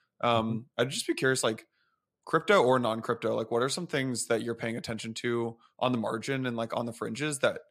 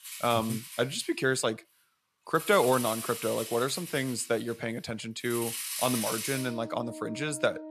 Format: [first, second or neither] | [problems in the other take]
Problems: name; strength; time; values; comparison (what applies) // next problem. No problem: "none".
first | background music; loud; throughout; 7 dB below the speech